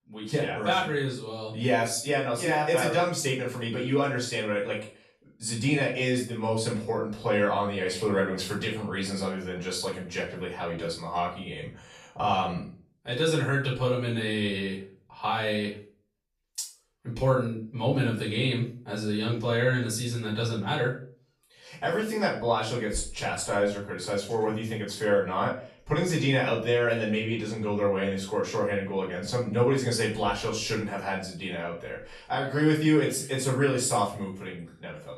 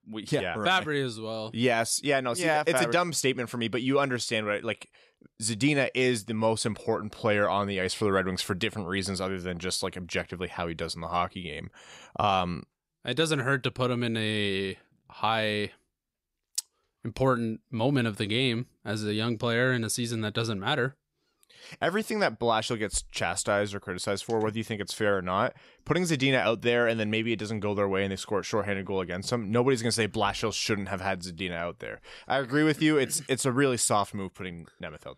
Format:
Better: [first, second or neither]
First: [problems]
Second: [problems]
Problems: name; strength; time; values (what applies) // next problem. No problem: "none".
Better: second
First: room echo; noticeable; dies away in 0.4 s // off-mic speech; far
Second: none